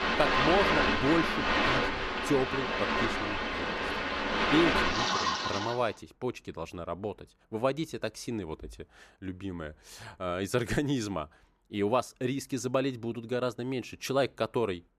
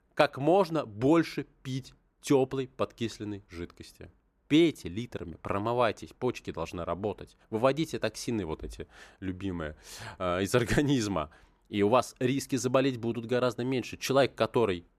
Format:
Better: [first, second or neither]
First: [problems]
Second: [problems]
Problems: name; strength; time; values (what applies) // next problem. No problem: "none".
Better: second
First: rain or running water; very loud; until 5.5 s; 4 dB above the speech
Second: none